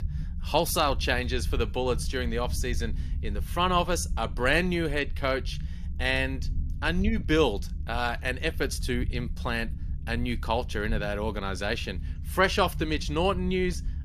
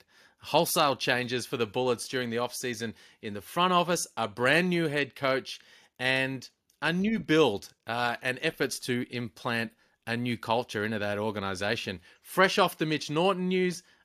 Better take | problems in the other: second | low rumble; faint; throughout; 25 dB below the speech

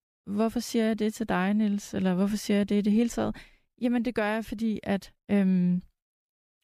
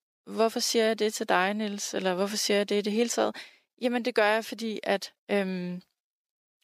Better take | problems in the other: first | thin; somewhat; fading below 450 Hz

